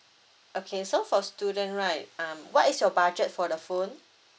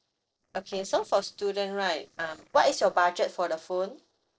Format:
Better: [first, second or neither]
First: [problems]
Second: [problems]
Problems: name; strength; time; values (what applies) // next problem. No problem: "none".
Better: first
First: none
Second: noise reduction (neural separator model SepFormer DNS4)